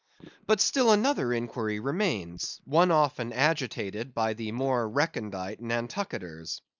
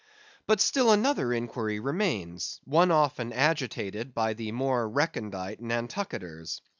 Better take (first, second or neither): second